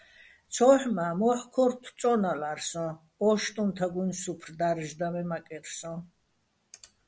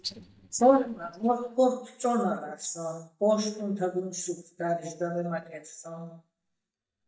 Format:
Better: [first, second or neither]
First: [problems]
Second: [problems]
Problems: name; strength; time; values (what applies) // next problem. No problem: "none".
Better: first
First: none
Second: noise reduction (neural mask model DeepFilterNet 3)